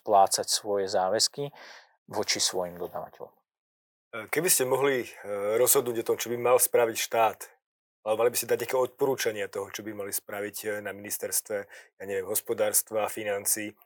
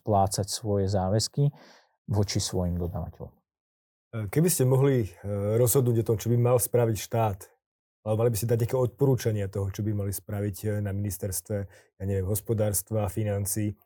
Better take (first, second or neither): second